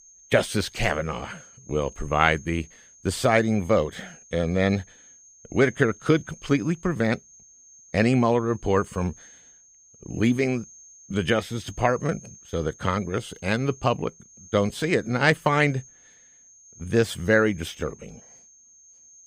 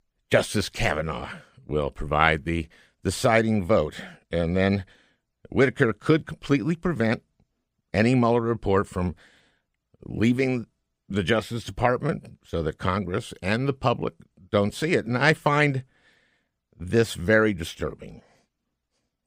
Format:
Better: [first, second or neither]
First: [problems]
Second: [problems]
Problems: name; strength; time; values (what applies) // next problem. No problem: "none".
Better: second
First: high-pitched whine; faint; throughout; 6.5 kHz, 25 dB below the speech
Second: none